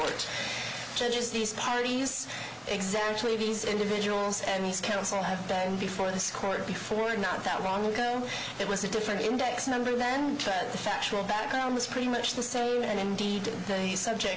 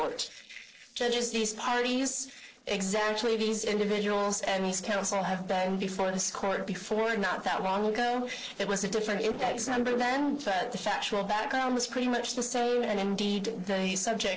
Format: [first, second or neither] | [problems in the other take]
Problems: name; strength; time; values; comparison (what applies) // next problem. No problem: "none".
first | noise reduction (neural separator model SepFormer DNS4)